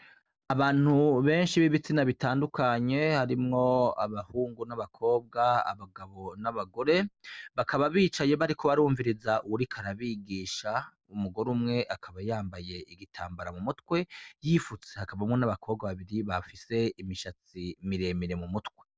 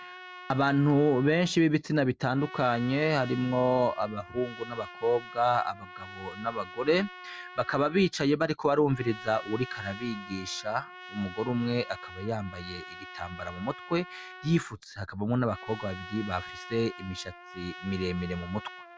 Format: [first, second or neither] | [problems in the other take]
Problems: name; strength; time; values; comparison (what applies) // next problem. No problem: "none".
first | background sound (Trumpet); 16 dB below the speech